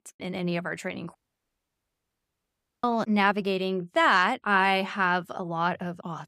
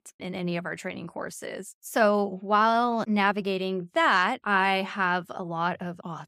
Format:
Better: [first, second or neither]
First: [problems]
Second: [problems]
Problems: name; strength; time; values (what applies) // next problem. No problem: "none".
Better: second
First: audio cutting out; at 1 s for 1.5 s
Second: none